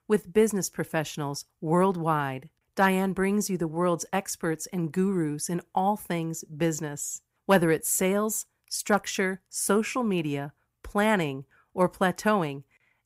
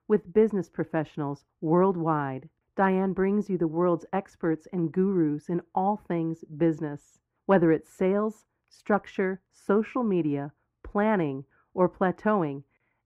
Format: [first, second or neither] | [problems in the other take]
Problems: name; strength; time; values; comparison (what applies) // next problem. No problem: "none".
first | muffled; very; fading above 3.5 kHz